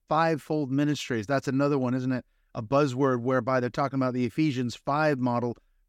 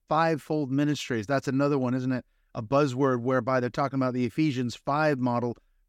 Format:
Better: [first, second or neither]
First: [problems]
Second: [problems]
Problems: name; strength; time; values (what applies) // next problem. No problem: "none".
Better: neither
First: none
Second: none